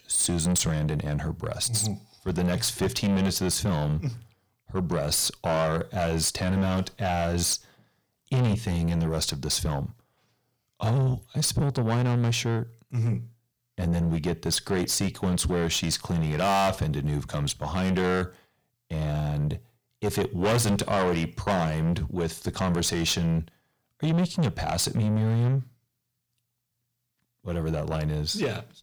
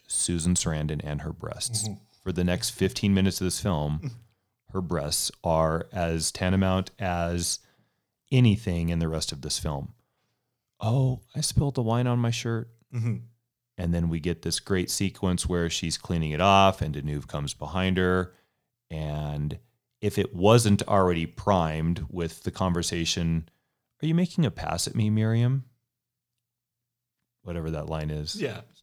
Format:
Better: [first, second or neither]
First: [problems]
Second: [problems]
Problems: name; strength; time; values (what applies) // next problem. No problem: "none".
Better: second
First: distortion; heavy; 6 dB below the speech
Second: none